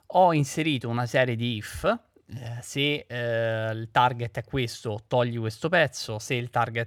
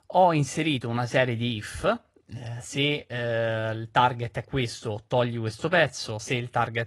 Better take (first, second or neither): first